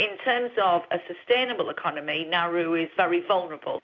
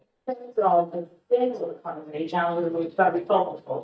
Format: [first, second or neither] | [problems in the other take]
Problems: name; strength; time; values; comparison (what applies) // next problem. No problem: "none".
first | noise reduction (neural mask model DeepFilterNet 3)